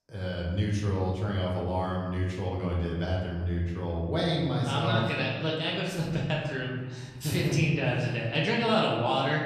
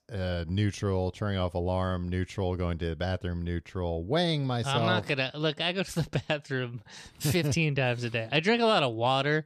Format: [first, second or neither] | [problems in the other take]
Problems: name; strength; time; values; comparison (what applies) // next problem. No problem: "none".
second | room echo; noticeable; dies away in 1.3 s // off-mic speech; far